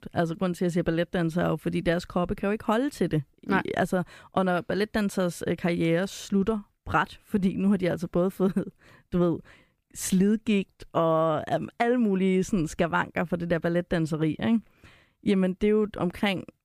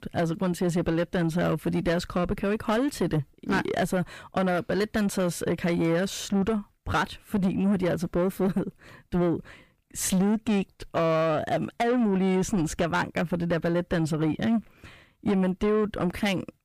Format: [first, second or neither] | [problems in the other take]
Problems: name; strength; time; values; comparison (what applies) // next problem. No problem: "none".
first | distortion; slight; 10 dB below the speech